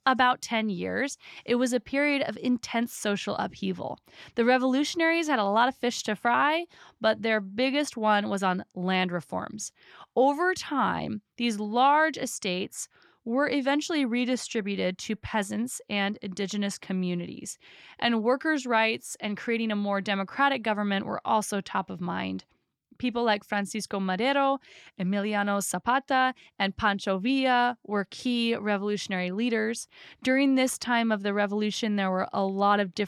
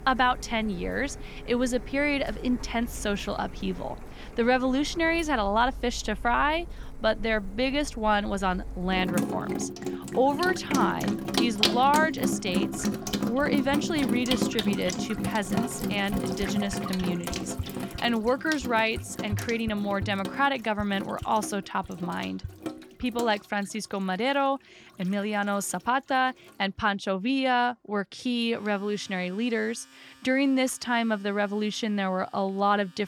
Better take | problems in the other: first | household noises; loud; throughout; 6 dB below the speech

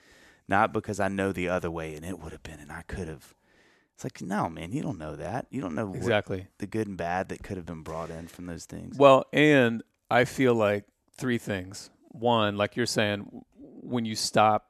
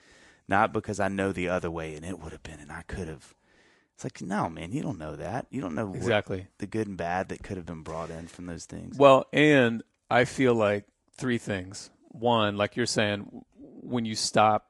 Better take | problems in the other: first | garbled, watery; slightly; nothing above 10.5 kHz

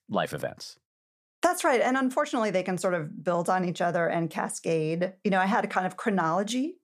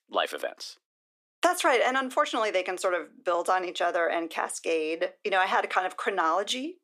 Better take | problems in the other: first | thin; somewhat; fading below 300 Hz

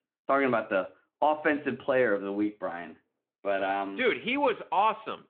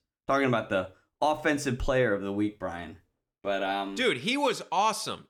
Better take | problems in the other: second | phone-call audio

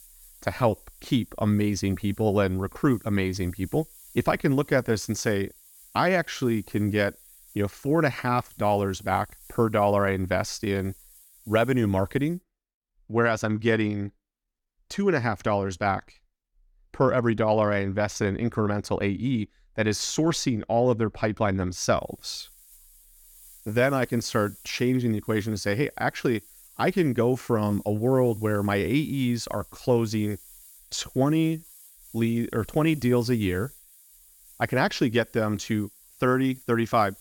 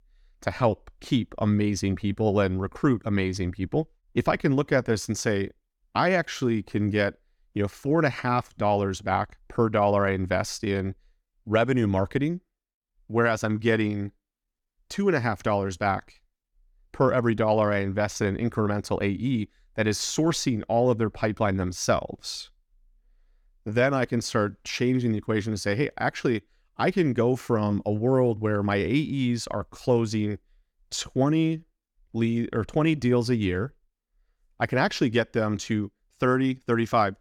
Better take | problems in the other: second | hiss; faint; until 12 s and from 22 s on; 25 dB below the speech

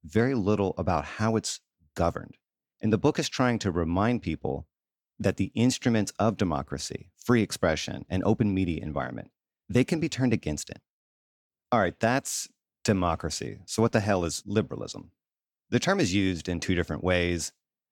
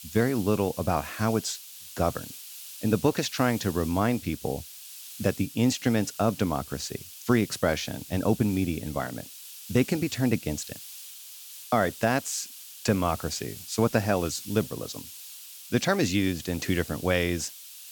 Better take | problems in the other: first | hiss; noticeable; throughout; 15 dB below the speech

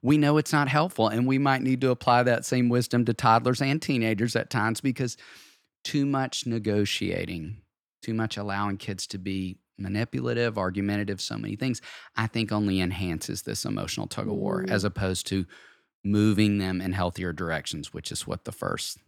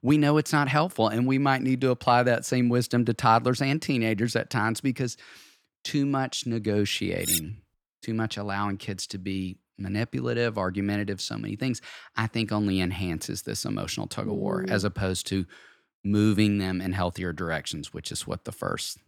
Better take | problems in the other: first | clattering dishes; loud; at 7 s; peak 1 dB above the speech

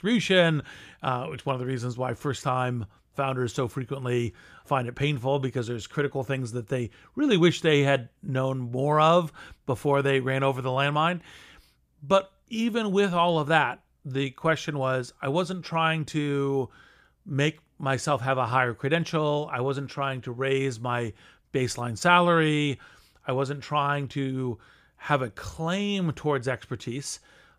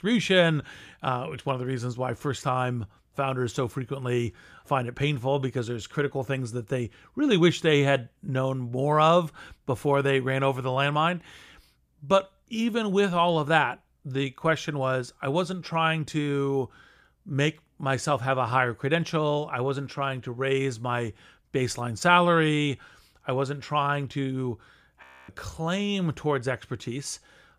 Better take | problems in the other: first | audio freezing; at 25 s

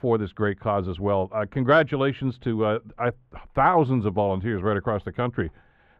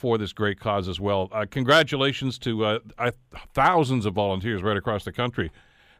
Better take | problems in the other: second | muffled; very; fading above 3.5 kHz

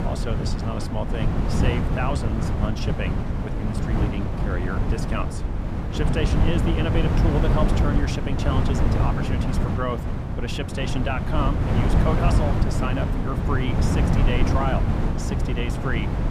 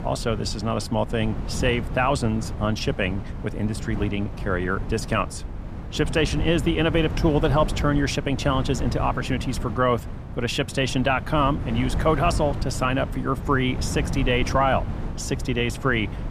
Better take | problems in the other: second | wind noise on the microphone; heavy; 1 dB below the speech; occasional gusts in the second

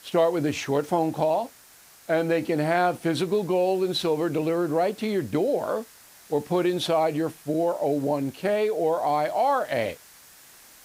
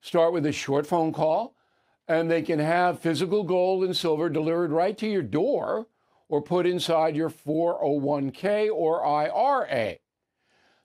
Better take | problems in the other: second | hiss; faint; throughout; 25 dB below the speech

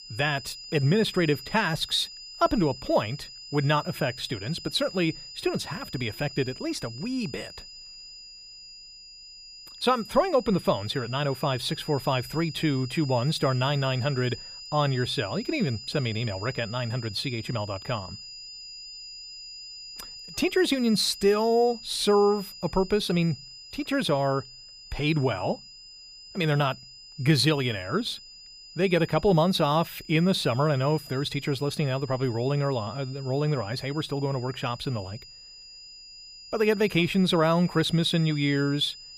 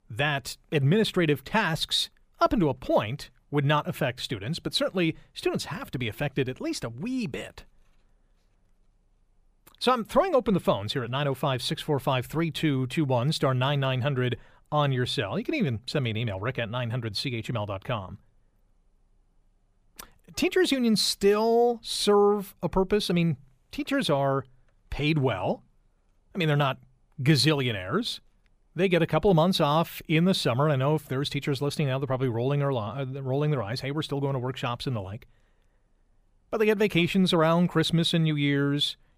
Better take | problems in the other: second | high-pitched whine; noticeable; throughout; 5 kHz, 15 dB below the speech

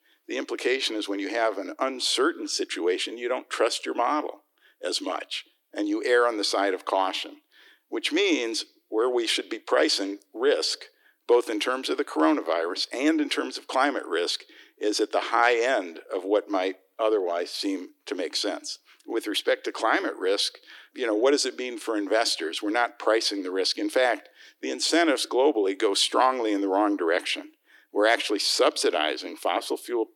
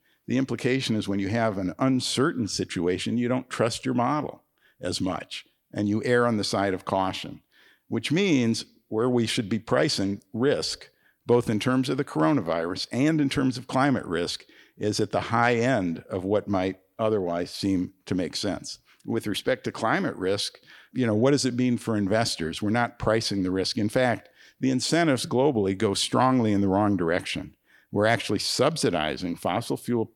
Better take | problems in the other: second | thin; somewhat; fading below 300 Hz

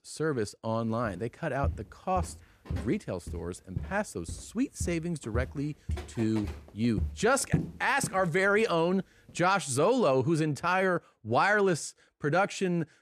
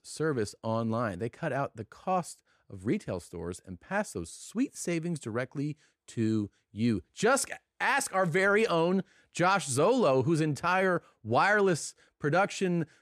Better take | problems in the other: second | footsteps; noticeable; from 1.5 to 8 s; peak 3 dB below the speech

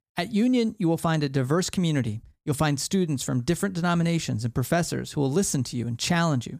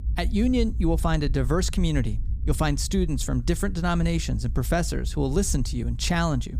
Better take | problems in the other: first | low rumble; faint; throughout; 20 dB below the speech

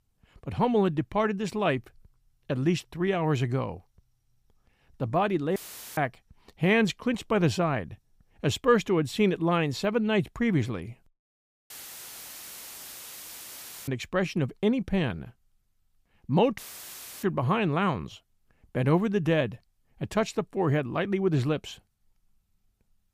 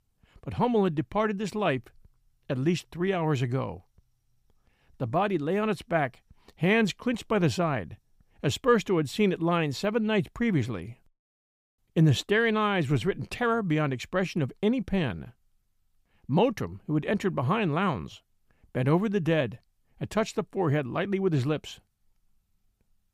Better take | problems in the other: second | audio cutting out; filled with static; at 5.5 s, at 12 s for 2 s and at 17 s for 0.5 s

